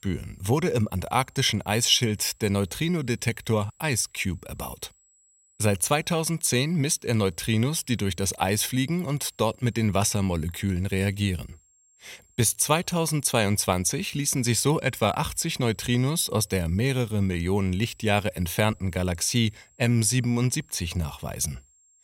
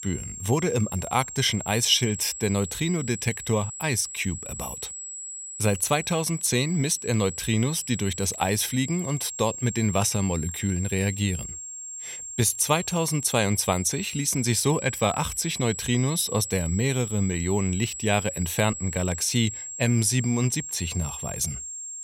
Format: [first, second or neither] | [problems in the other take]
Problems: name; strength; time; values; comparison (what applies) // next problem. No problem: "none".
first | high-pitched whine; loud; throughout; 7.5 kHz, 9 dB below the speech; faint in the first